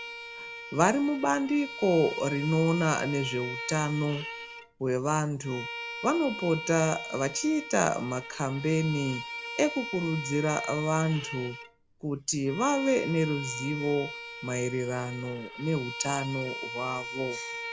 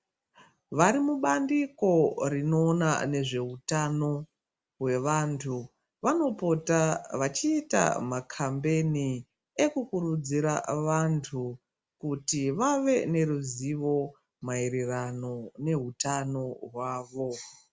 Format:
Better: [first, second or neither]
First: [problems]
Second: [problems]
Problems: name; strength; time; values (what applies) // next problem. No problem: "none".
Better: second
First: background sound (Bowed string instrument); 10 dB below the speech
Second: none